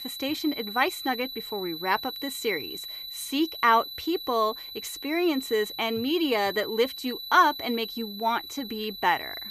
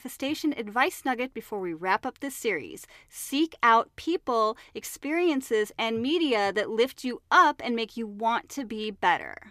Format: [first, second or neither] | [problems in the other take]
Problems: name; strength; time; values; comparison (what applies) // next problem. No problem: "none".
second | high-pitched whine; loud; throughout; 4 kHz, 9 dB below the speech